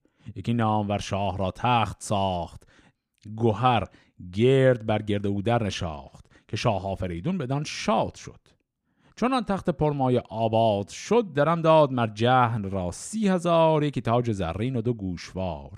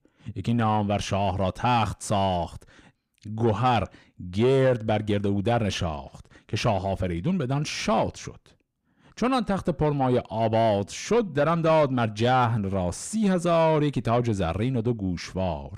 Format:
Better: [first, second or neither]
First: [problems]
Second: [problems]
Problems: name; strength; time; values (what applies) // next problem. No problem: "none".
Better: first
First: none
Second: distortion; slight; 10 dB below the speech